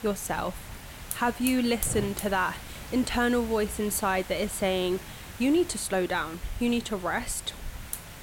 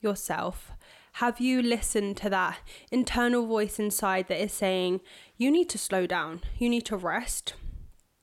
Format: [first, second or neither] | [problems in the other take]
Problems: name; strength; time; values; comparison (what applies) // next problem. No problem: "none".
second | hiss; noticeable; throughout; 10 dB below the speech